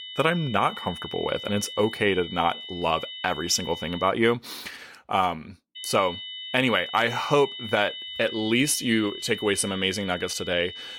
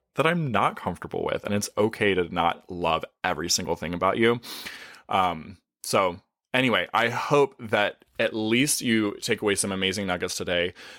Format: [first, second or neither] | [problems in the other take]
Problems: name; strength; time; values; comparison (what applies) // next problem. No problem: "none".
second | high-pitched whine; loud; until 4 s and from 6 s on; 3 kHz, 10 dB below the speech